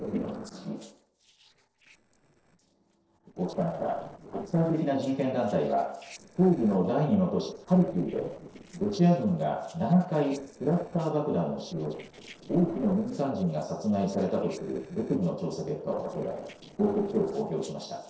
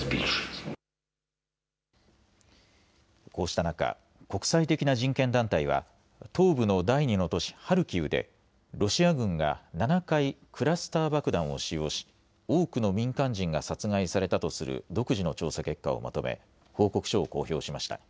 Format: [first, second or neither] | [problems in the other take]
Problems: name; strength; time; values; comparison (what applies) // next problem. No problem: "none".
second | noise reduction (neural separator model SepFormer DNS4)